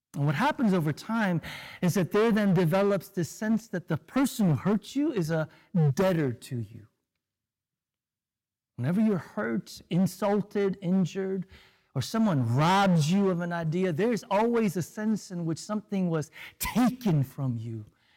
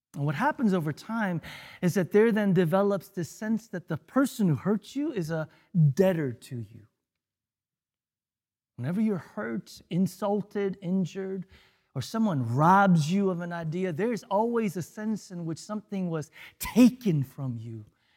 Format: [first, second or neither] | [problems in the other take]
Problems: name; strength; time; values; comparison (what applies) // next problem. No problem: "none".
second | distortion; heavy; 10% of the sound clipped